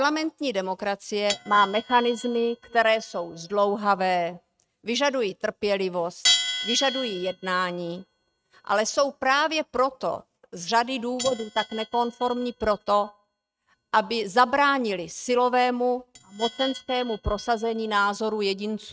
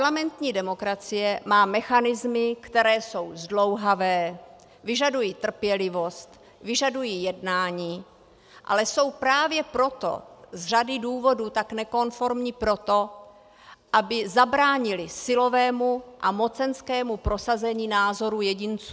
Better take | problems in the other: second | noise reduction (neural mask model RNNoise)

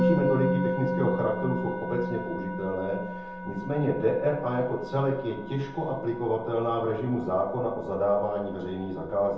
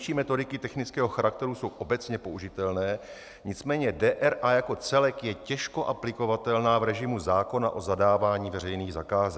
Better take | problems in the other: second | background sound (Musical instrument); 4 dB below the speech // room echo; dies away in 0.7 s

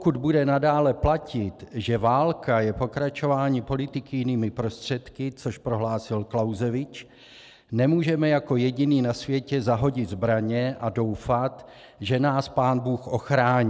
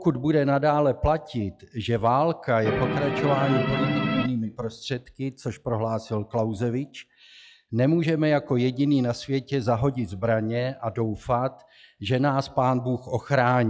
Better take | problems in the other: first | noise reduction (classical method log-MMSE)

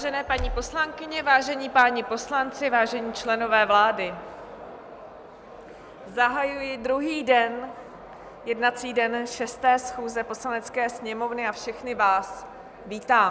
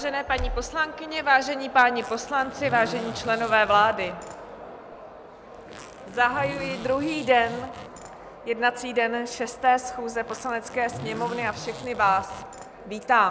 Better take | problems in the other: first | background sound (Zipper (clothing)); 16 dB below the speech

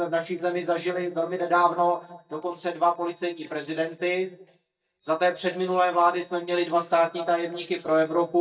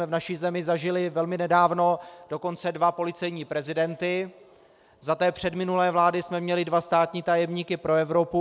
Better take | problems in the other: second | noise reduction (neural mask model DeepFilterNet 3)

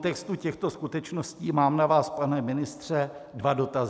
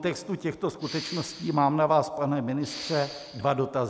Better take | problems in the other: first | background sound (Respiratory sounds); 14 dB below the speech

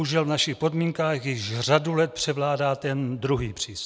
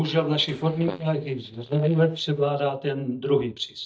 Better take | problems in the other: first | noise reduction (neural mask model DeepFilterNet 3)

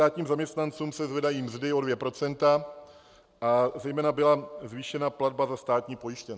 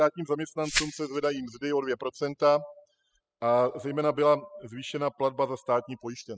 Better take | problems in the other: first | noise reduction (classical method spectral subtraction)

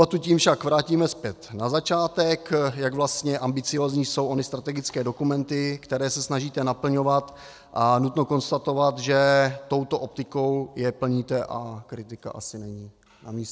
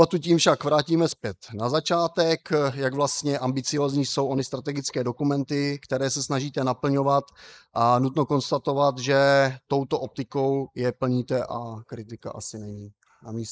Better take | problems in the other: first | noise reduction (neural mask model Resemble Enhance denoiser)

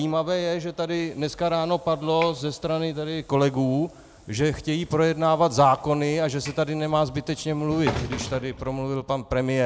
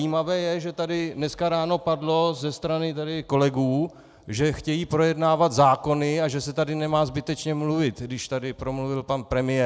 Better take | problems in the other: second | background sound (Sliding door / Train); 16 dB below the speech

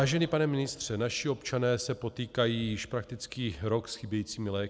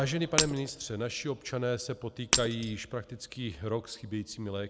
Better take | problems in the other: first | background sound (Shatter); 2 dB below the speech

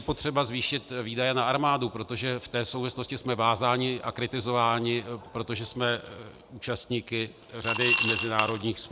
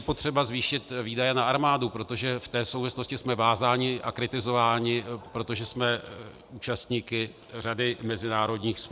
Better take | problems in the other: second | background sound (Coin (dropping) / Glass); 1 dB below the speech

